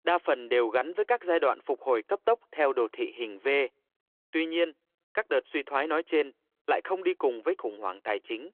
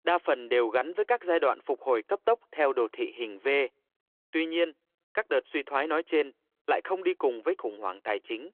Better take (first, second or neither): neither